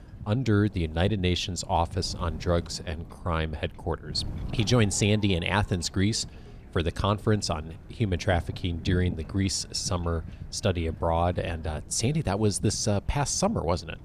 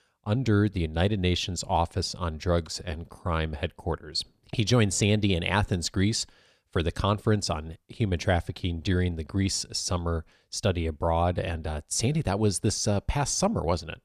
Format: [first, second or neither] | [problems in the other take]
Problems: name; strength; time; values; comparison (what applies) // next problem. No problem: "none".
second | wind noise on the microphone; occasional gusts; 20 dB below the speech